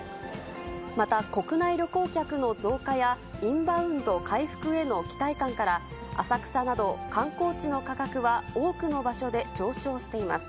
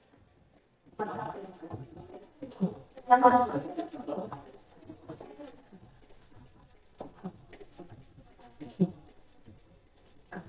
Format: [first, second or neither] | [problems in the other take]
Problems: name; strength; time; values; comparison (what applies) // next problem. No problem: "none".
first | noise reduction (neural mask model DeepFilterNet 3)